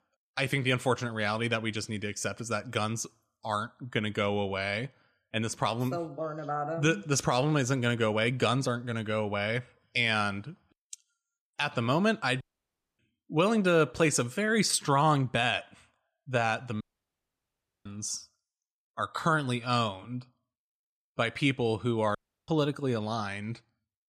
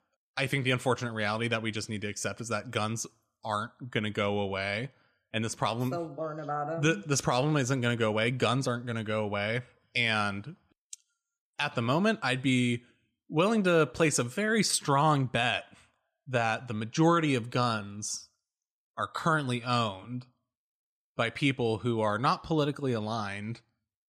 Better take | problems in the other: second | audio cutting out; at 12 s for 0.5 s, at 17 s for 1 s and at 22 s

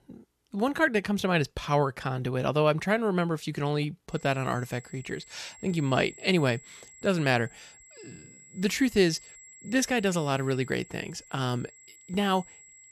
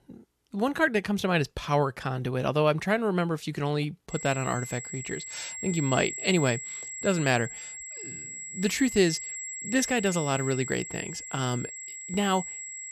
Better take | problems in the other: first | high-pitched whine; loud; from 4 s on; 7.5 kHz, 8 dB below the speech; faint in the first

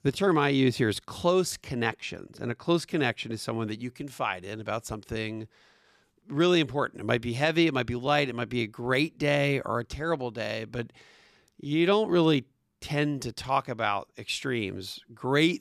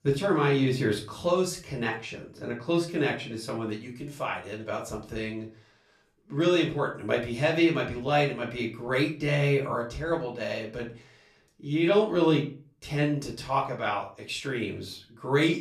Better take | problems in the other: first | off-mic speech; far // room echo; slight; dies away in 0.3 s

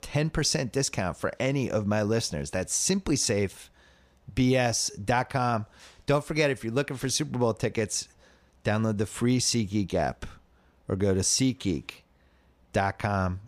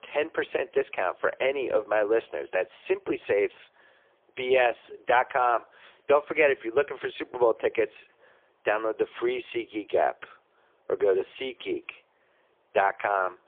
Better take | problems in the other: first | phone-call audio; poor line

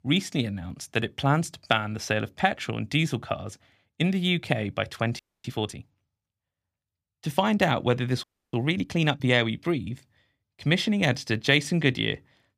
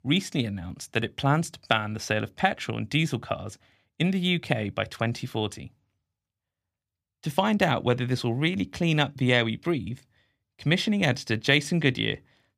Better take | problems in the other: second | audio freezing; at 5 s and at 8 s

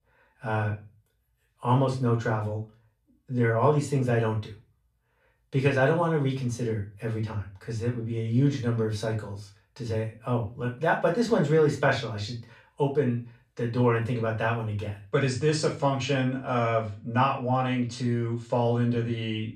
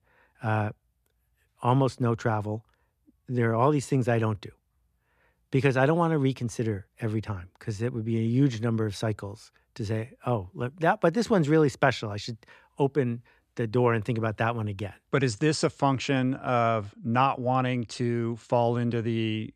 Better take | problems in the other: second | room echo; slight; dies away in 0.3 s // off-mic speech; far

